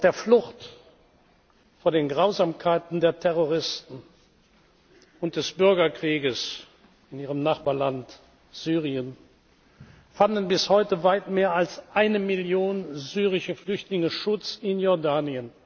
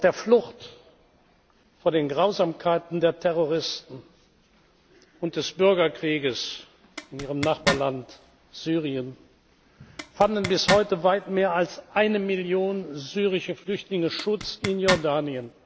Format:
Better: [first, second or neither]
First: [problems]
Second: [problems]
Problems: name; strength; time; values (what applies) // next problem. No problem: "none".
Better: first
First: none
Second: background sound (Zipper (clothing)); 6 dB below the speech